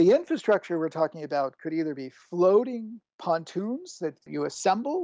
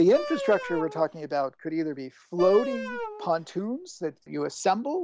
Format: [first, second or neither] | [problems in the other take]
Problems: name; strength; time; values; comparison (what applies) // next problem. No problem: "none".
first | background sound (Wind instrument, woodwind instrument); 10 dB below the speech